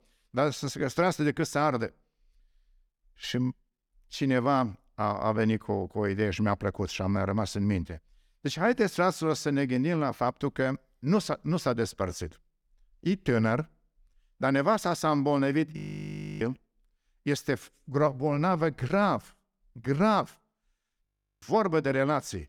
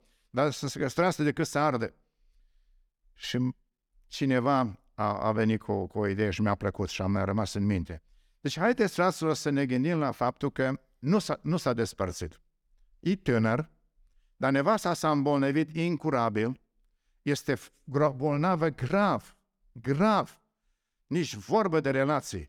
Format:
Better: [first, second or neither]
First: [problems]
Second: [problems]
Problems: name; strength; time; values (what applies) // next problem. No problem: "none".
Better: second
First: audio freezing; at 16 s for 0.5 s and at 21 s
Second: none